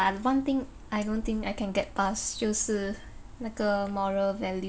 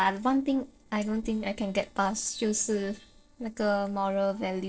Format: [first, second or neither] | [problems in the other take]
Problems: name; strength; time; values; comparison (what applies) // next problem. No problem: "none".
first | noise reduction (neural separator model SepFormer DNS4)